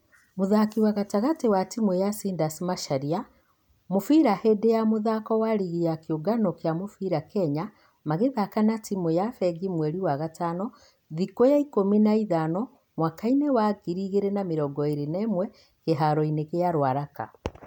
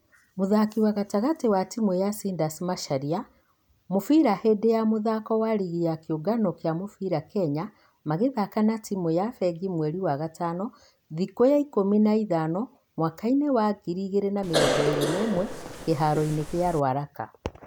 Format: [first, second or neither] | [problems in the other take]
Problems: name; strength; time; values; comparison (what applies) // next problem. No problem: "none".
first | background sound (Cough); 3 dB below the speech